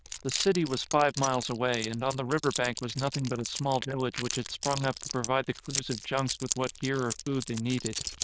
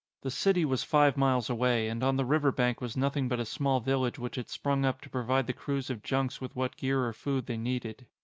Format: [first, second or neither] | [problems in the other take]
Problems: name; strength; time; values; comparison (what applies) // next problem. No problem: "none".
second | noise reduction (neural diffusion model UNIVERSE++)